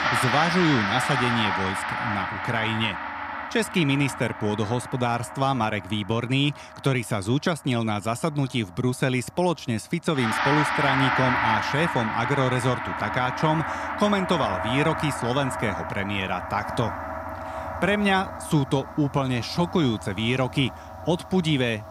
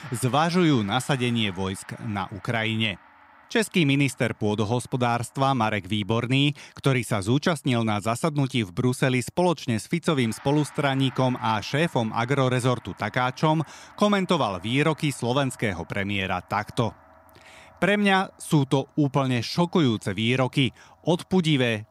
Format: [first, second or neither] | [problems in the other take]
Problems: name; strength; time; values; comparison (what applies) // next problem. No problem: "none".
second | background music; loud; throughout; 3 dB below the speech; faint in the second